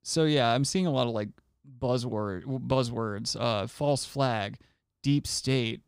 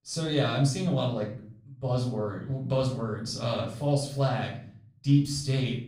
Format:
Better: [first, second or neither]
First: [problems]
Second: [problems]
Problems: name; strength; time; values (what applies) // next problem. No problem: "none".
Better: first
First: none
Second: off-mic speech; far // room echo; slight; dies away in 0.5 s